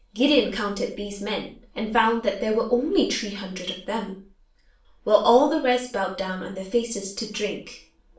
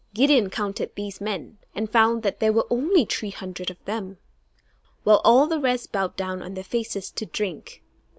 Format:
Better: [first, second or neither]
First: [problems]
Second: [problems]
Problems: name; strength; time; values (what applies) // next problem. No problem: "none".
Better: second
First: room echo; dies away in 0.4 s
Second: none